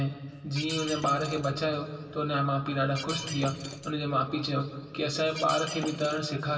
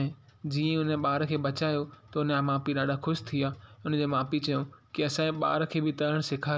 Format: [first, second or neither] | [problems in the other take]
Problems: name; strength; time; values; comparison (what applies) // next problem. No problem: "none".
second | background sound (Shatter); 11 dB below the speech // room echo; dies away in 2.3 s